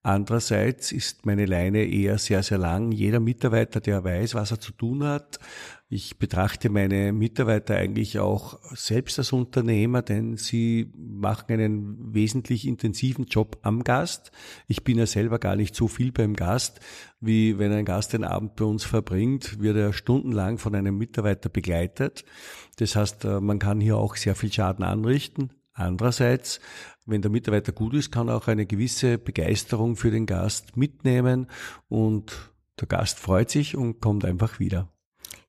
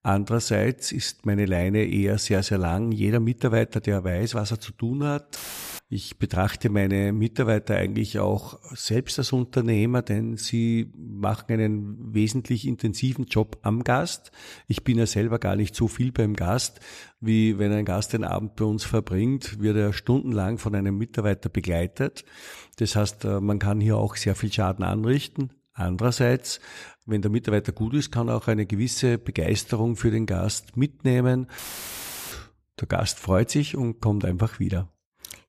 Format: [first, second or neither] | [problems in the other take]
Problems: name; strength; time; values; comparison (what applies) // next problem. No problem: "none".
first | audio cutting out; filled with static; at 5.5 s and at 32 s for 0.5 s